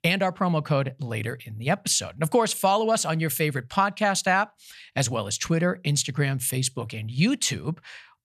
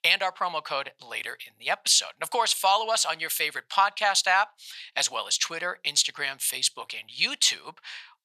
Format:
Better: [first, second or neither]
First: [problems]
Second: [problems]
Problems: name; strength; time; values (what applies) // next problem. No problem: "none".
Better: first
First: none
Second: thin; very; fading below 850 Hz